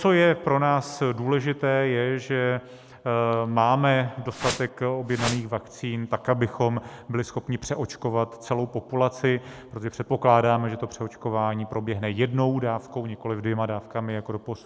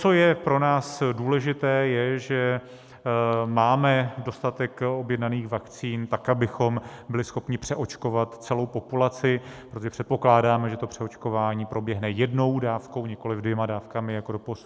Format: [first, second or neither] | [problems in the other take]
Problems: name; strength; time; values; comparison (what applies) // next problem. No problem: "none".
second | background sound (Whoosh, swoosh, swish); 7 dB below the speech